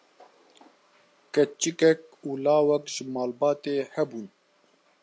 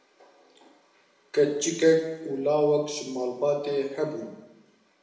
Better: first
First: none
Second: room echo; dies away in 0.9 s

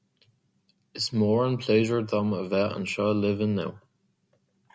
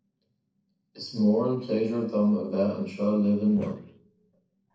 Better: first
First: none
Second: noise reduction (neural separator model SepFormer DNS4)

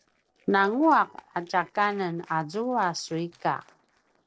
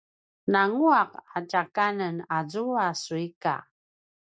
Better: second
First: noise reduction (neural separator model SepFormer DNS4)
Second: none

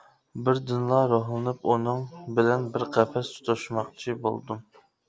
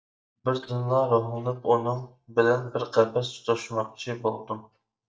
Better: first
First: none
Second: noise reduction (neural mask model DeepFilterNet 3)

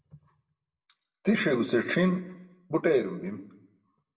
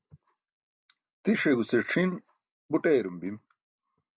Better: second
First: room echo; dies away in 0.7 s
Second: none

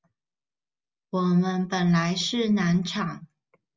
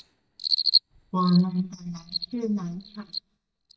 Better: first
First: none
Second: noise reduction (neural mask model DeepFilterNet 3)

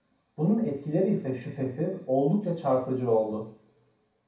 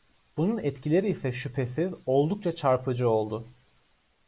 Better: second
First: room echo; dies away in 0.6 s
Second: none

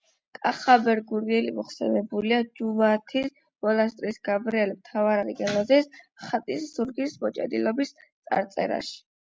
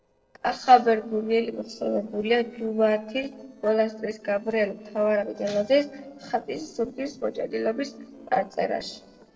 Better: first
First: none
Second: noise reduction (neural separator model SepFormer DNS4)

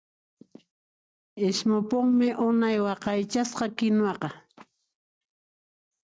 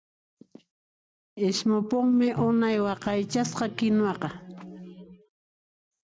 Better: first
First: none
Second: background sound (Microwave oven); 12 dB below the speech

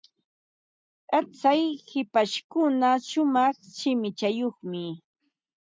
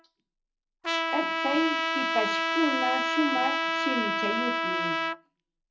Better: first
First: none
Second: background sound (Trumpet); 3 dB above the speech // room echo; dies away in 0.3 s

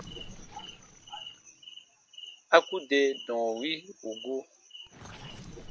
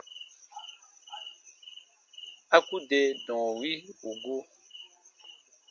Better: second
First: background sound (Gurgling); 19 dB below the speech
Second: none

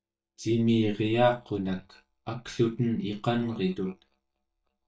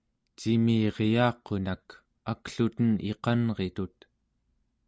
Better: second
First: noise reduction (neural mask model DeepFilterNet 3)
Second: none

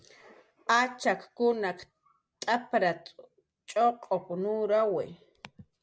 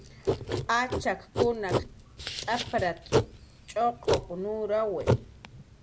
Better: first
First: none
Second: background sound (Writing); as loud as the speech

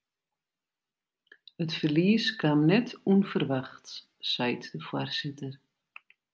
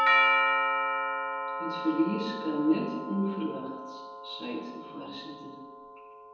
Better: first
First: none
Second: background sound (Doorbell); 3 dB above the speech // room echo; dies away in 1.1 s

